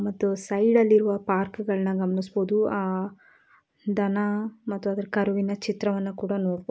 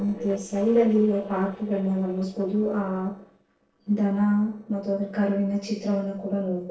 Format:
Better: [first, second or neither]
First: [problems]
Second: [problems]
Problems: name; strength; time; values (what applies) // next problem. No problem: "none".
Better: first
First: none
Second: noise reduction (neural separator model SepFormer DNS4)